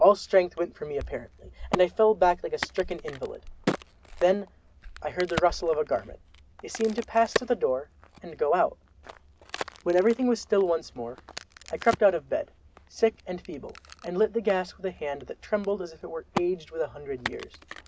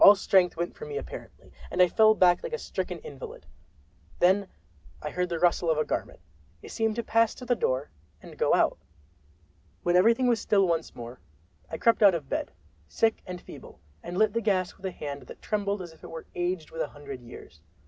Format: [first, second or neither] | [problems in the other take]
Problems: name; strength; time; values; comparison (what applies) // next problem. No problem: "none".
second | background sound (Crack); 12 dB below the speech